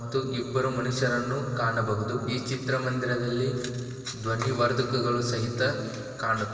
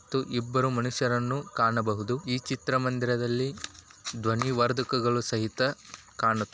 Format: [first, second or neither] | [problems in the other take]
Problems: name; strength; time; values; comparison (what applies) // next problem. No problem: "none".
second | room echo; dies away in 2.6 s